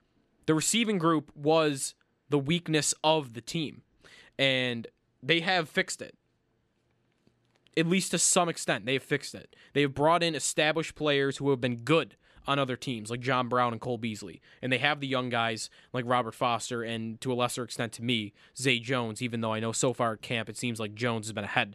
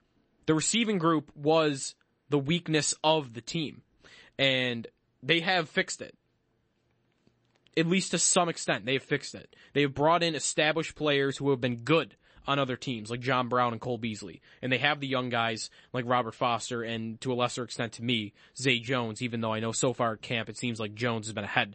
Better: first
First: none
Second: garbled, watery; slightly; nothing above 8 kHz

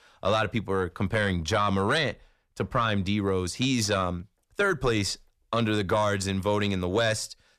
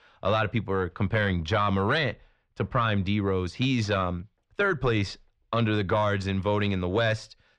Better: first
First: none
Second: muffled; slightly; fading above 3 kHz

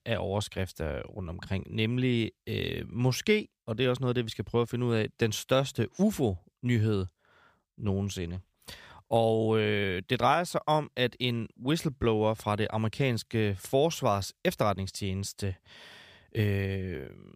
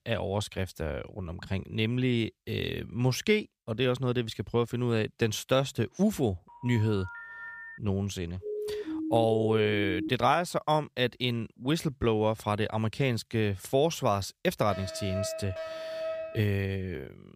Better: first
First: none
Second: phone ringing; faint; from 6.5 to 8 s; peak 10 dB below the speech // siren; noticeable; from 8.5 to 10 s; peak 4 dB below the speech // alarm; noticeable; from 15 to 16 s; peak 5 dB below the speech

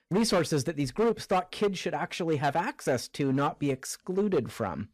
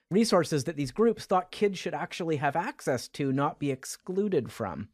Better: second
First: distortion; slight; 7% of the sound clipped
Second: none

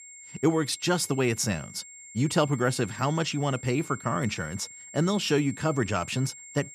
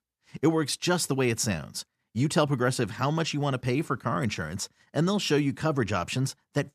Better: second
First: high-pitched whine; noticeable; throughout; 7.5 kHz, 15 dB below the speech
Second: none

